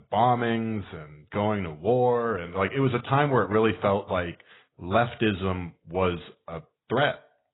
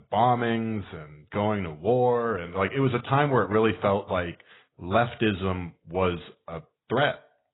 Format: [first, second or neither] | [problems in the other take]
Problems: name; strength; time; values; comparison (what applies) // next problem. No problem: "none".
neither | garbled, watery; badly; nothing above 4 kHz; the same in both